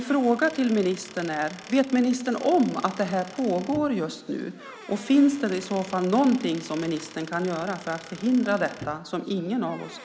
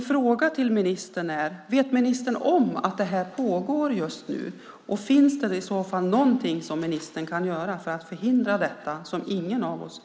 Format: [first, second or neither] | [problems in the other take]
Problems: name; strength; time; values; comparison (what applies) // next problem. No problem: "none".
second | background sound (Squeak / Wood); 19 dB below the speech